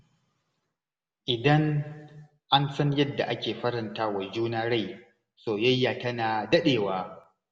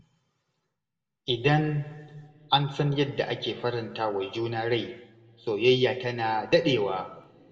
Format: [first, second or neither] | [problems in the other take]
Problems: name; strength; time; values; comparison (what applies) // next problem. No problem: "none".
first | room echo; dies away in 1.2 s